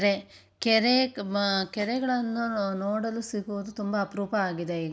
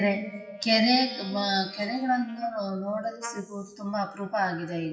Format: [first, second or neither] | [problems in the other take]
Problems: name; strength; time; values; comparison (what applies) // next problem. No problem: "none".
first | noise reduction (classical method WPE with log-MMSE)